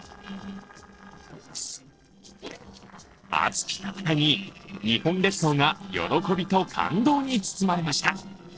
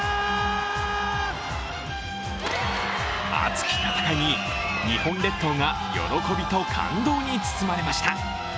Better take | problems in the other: second | noise reduction (neural separator model SepFormer DNS4)

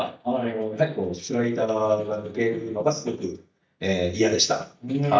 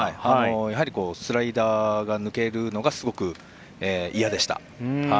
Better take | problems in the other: second | noise reduction (neural mask model DeepFilterNet 3)

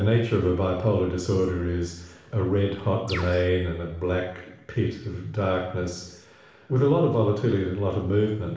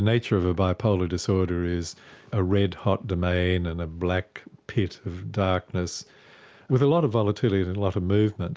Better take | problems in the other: second | background sound (Bird); 11 dB below the speech // room echo; dies away in 0.8 s

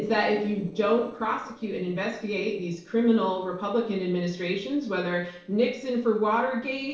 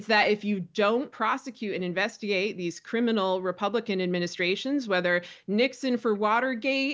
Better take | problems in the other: second | noise reduction (neural separator model SepFormer DNS4)

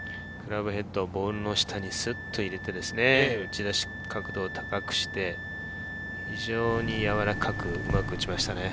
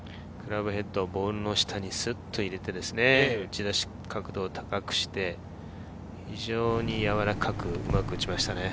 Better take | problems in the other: second | background sound (Wind instrument, woodwind instrument); 10 dB below the speech

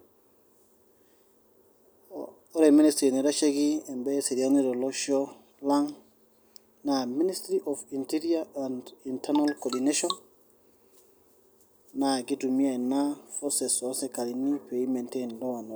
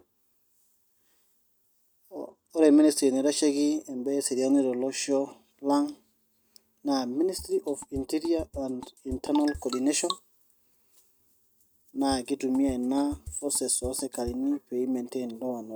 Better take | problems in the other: first | noise reduction (neural mask model RNNoise)

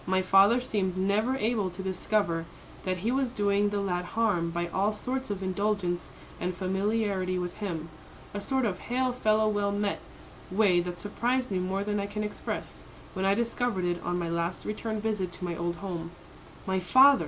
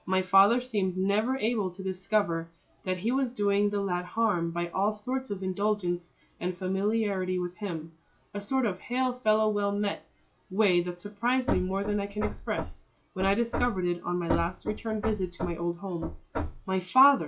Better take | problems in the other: first | noise reduction (classical method log-MMSE)

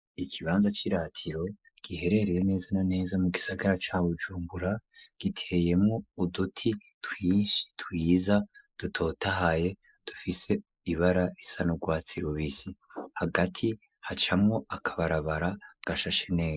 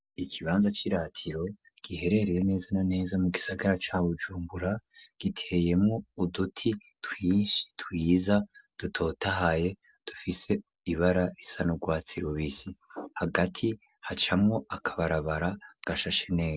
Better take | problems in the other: second | noise reduction (neural mask model Resemble Enhance denoiser)

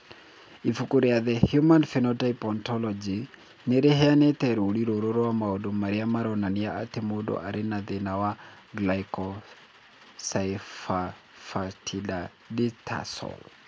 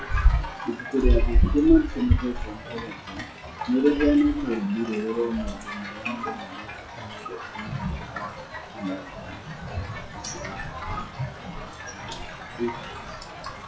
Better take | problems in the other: first | noise reduction (classical method WPE with log-MMSE)

